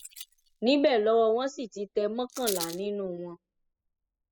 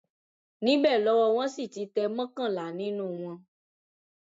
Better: second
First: noise reduction (classical method spectral subtraction)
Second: none

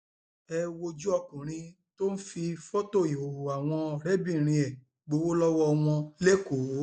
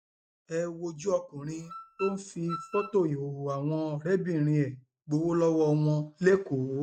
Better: first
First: none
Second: noise reduction (neural mask model RNNoise)

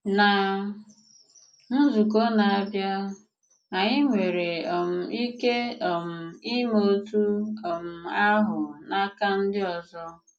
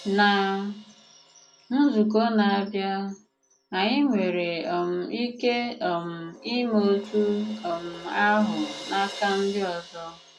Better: first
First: none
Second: background sound (Crash cymbal); 19 dB below the speech

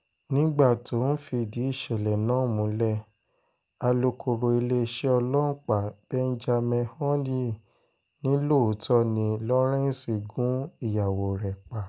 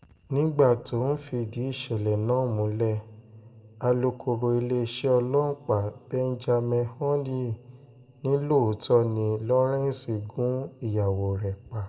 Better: first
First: none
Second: room echo; dies away in 2.2 s

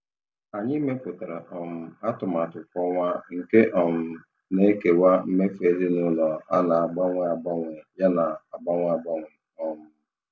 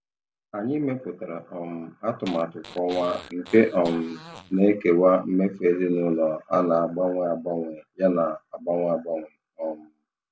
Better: first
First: none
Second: background sound (Fart); 18 dB below the speech

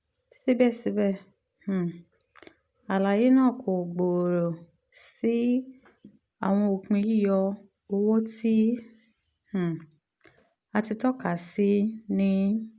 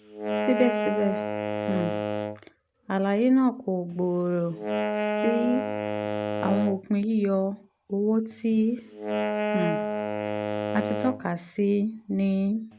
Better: first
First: none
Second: background sound (Wind instrument, woodwind instrument); 4 dB below the speech

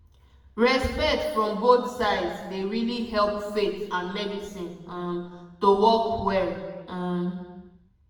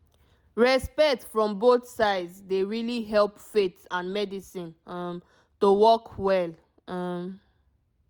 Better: second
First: room echo; dies away in 1.1 s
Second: none

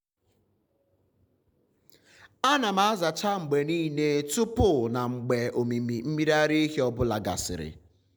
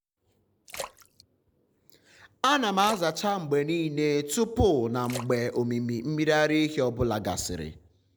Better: first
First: none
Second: background sound (Splash, splatter); 19 dB below the speech

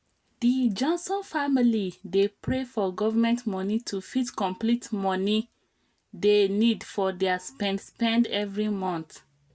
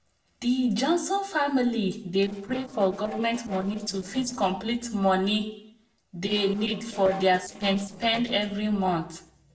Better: first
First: none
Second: noise reduction (neural separator model SepFormer DNS4)

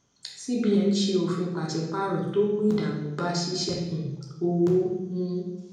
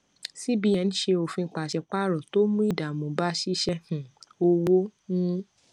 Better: second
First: room echo; dies away in 0.9 s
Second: none

